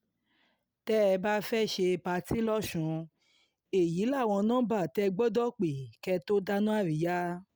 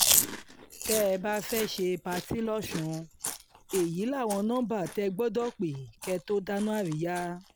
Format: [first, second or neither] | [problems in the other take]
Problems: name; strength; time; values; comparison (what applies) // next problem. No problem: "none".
first | background sound (Chewing, mastication); 4 dB below the speech